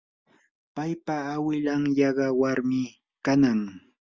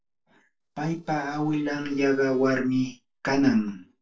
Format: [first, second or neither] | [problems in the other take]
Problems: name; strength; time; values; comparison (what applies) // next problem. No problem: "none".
first | noise reduction (neural separator model SepFormer DNS4)